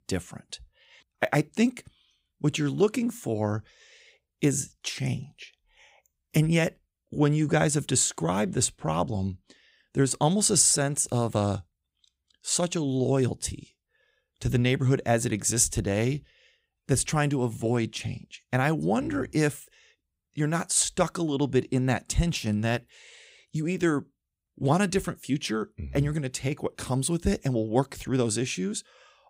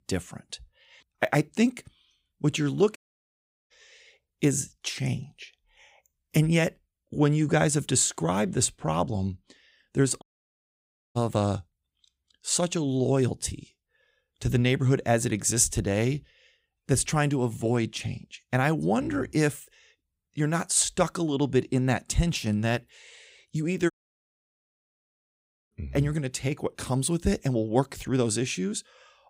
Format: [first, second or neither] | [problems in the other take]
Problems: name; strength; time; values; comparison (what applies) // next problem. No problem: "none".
first | audio cutting out; at 3 s for 0.5 s, at 10 s for 1 s and at 24 s for 2 s